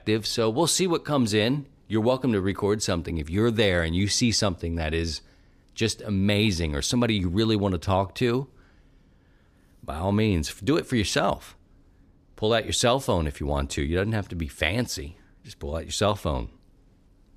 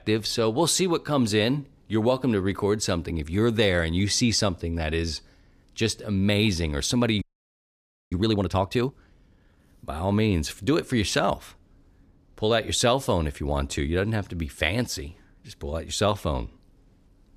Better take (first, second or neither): first